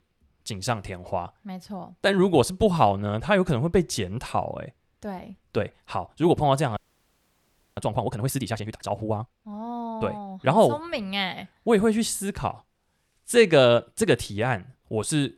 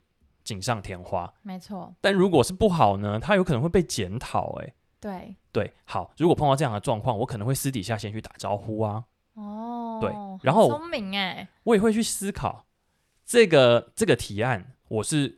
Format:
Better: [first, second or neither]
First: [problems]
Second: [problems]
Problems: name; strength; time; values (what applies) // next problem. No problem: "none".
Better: second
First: audio freezing; at 7 s for 1 s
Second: none